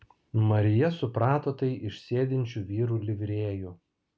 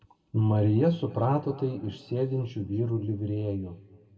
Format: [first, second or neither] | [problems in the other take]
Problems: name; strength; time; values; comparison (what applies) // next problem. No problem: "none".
first | room echo; dies away in 1.7 s